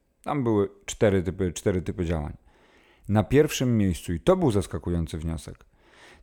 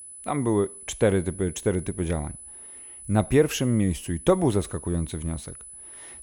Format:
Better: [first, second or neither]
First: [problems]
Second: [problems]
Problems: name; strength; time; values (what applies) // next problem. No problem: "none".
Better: first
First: none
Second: high-pitched whine; noticeable; throughout; 10 kHz, 15 dB below the speech